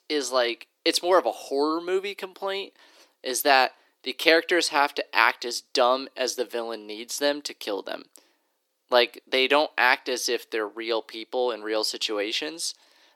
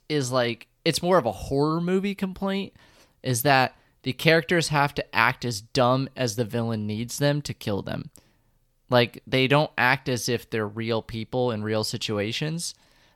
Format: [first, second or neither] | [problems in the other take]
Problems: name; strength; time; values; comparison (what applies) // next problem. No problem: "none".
second | thin; somewhat; fading below 300 Hz